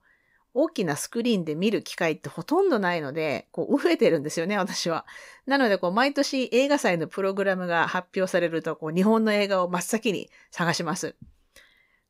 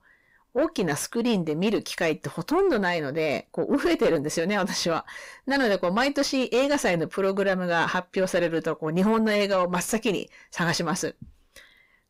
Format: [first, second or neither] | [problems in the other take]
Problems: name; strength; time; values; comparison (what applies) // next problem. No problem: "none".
first | distortion; slight; 9 dB below the speech